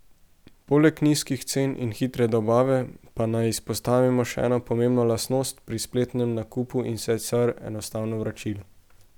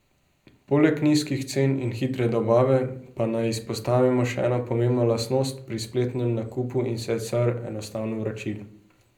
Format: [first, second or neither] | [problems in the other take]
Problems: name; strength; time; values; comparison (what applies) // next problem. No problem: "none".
first | room echo; dies away in 0.4 s